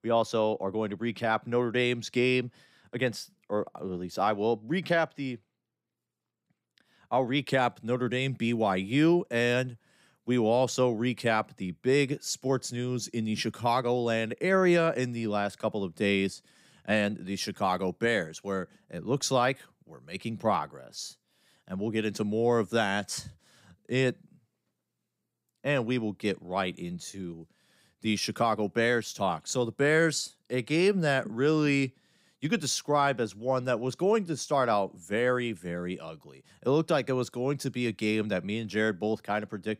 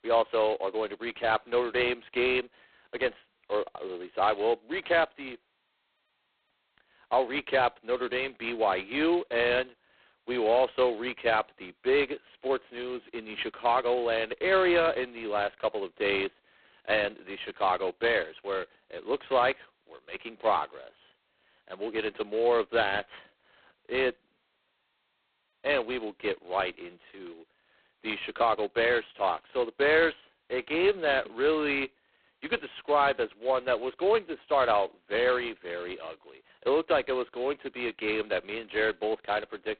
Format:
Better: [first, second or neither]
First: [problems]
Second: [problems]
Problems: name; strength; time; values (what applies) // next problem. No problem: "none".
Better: first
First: none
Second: phone-call audio; poor line; nothing above 4 kHz